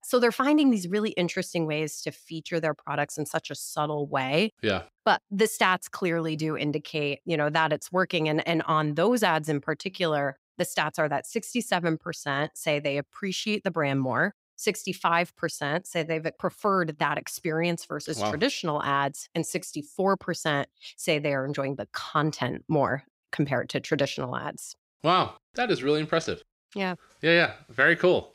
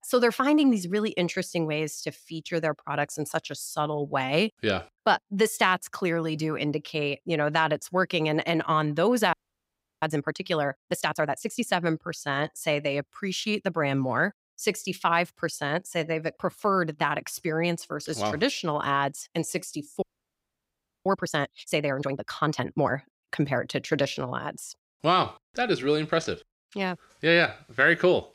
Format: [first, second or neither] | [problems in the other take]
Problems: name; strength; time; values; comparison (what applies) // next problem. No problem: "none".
first | audio freezing; at 9.5 s for 0.5 s and at 20 s for 1 s